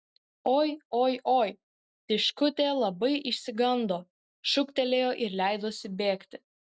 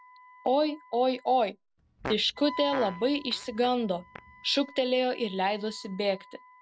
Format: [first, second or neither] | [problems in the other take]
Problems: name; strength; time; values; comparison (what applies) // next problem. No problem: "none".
first | background sound (Fart + Wind instrument, woodwind instrument); 15 dB below the speech